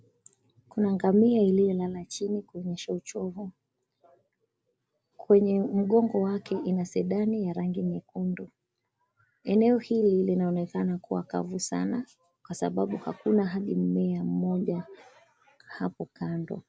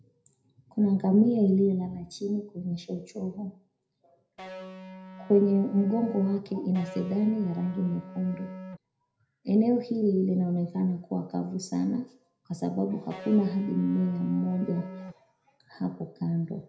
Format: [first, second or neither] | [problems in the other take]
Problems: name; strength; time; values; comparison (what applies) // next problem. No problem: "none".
first | background sound (Electric guitar); 14 dB below the speech // room echo; dies away in 0.4 s